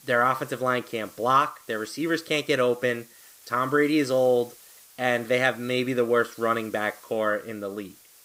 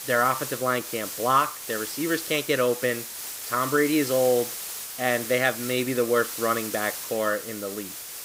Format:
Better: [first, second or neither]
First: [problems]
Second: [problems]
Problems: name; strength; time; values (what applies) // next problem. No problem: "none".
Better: first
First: hiss; faint; throughout; 25 dB below the speech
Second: hiss; loud; throughout; 7 dB below the speech